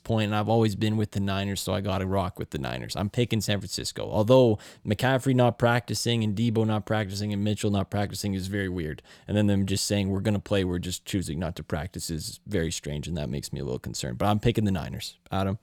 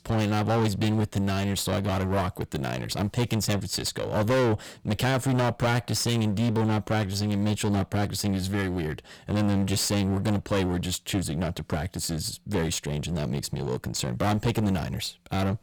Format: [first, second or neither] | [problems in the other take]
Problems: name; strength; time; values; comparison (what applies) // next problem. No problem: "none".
first | distortion; heavy; 20% of the sound clipped